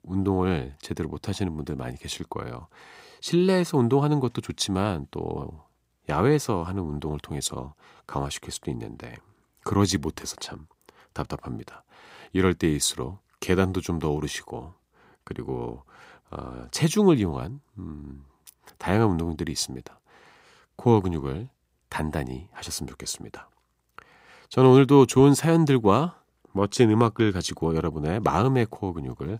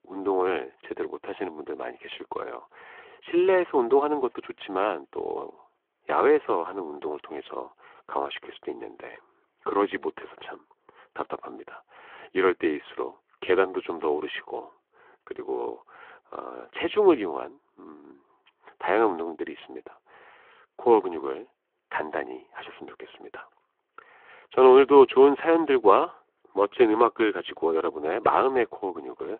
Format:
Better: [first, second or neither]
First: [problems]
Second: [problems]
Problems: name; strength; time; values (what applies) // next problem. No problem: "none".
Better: first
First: none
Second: phone-call audio